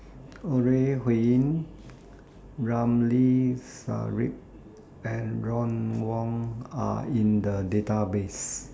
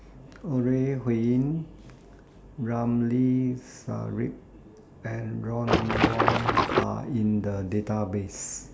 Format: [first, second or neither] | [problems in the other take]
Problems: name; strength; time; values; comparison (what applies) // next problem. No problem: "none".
first | background sound (Water / Splash, splatter); 5 dB above the speech